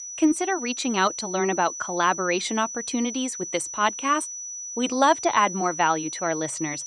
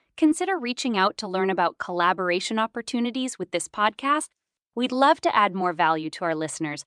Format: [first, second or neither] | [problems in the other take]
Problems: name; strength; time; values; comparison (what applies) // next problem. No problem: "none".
second | high-pitched whine; loud; throughout; 6 kHz, 8 dB below the speech